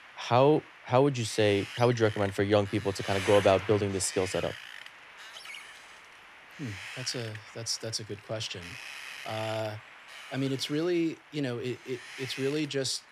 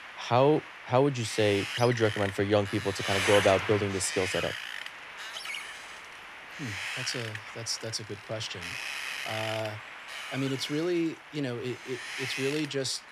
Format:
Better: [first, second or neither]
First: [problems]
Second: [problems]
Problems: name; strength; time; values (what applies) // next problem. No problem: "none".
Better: first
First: wind noise on the microphone; occasional gusts; 10 dB below the speech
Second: wind noise on the microphone; heavy; 4 dB below the speech